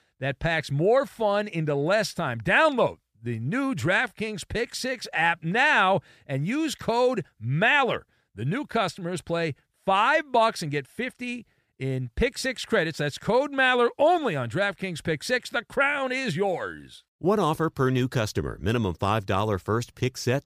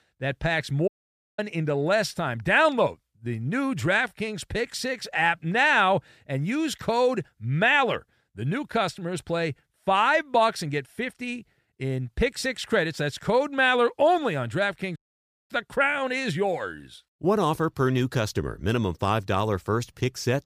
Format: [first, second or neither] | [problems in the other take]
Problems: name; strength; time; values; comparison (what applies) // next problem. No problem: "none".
first | audio cutting out; at 1 s and at 15 s for 0.5 s